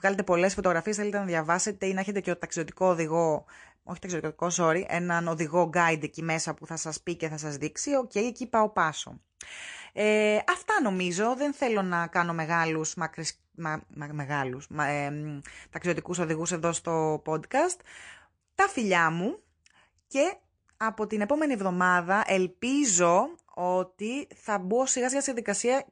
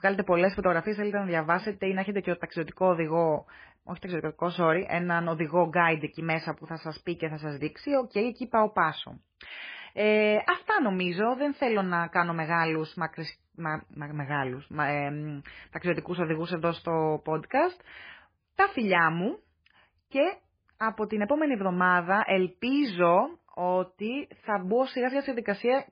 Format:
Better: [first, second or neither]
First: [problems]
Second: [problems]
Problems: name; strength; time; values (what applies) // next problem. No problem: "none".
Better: first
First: garbled, watery; slightly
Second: garbled, watery; badly; nothing above 5 kHz